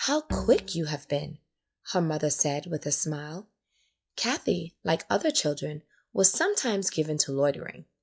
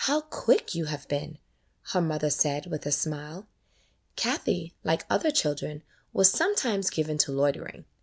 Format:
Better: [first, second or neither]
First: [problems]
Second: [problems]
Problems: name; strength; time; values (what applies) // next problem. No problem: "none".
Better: second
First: noise reduction (classical method log-MMSE)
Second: none